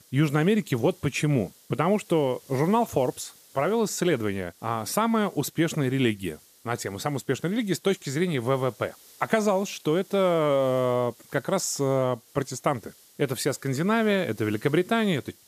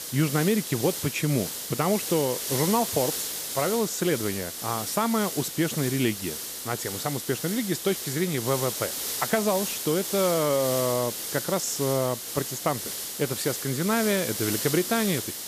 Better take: first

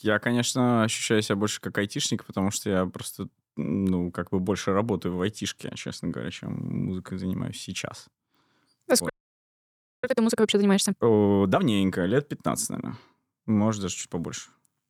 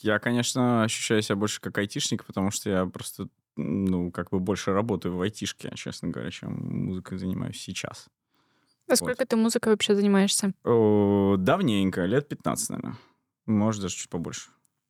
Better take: second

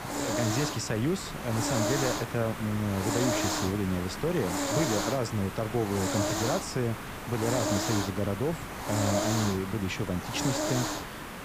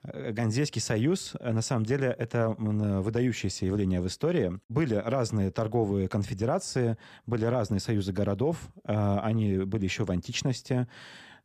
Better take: second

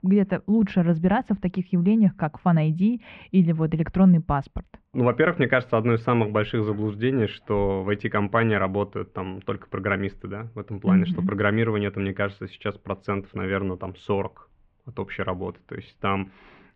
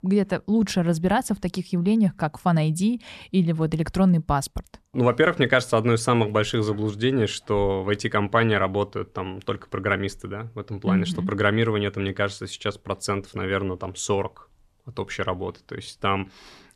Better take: second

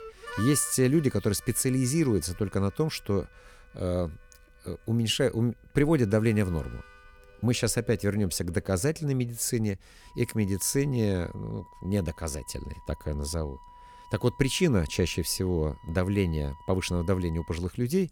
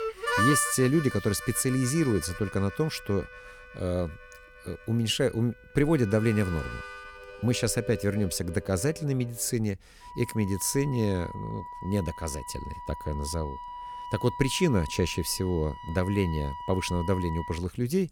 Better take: first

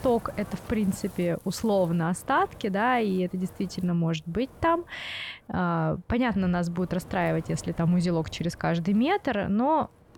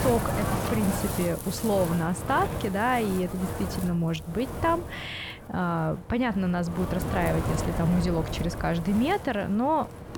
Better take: first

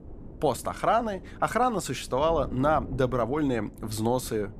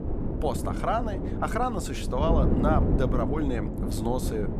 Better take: first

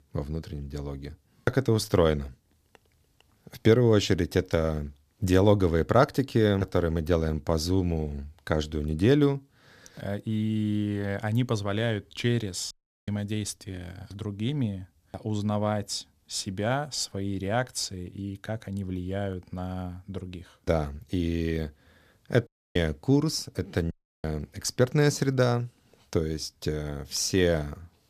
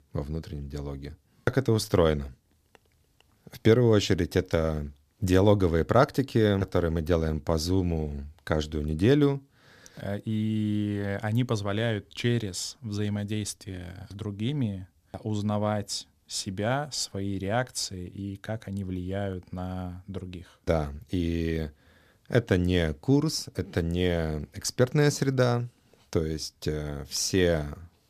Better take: second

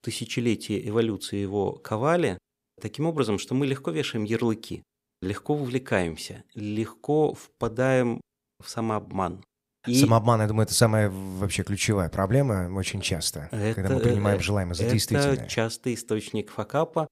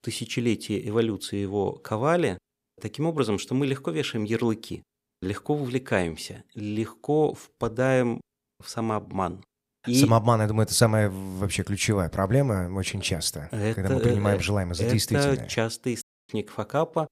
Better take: first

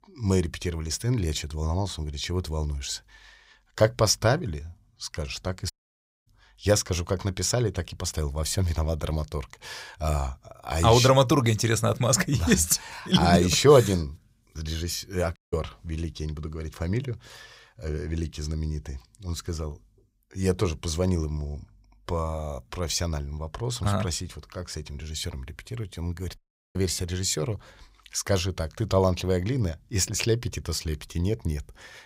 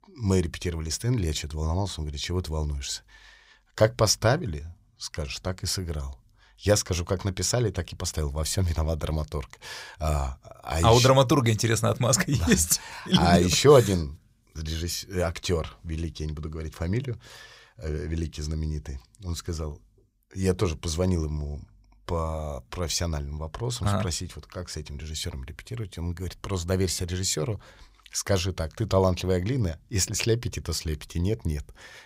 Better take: second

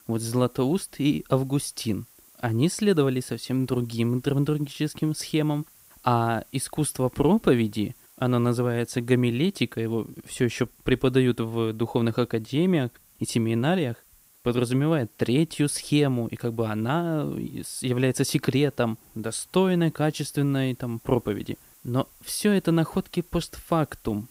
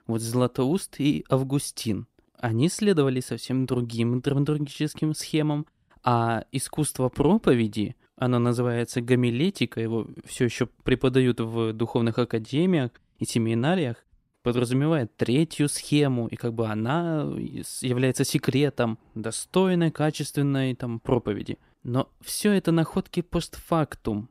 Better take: second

